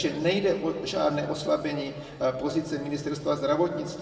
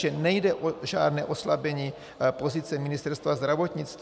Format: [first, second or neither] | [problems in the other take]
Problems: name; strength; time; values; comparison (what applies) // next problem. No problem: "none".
second | room echo; dies away in 1.5 s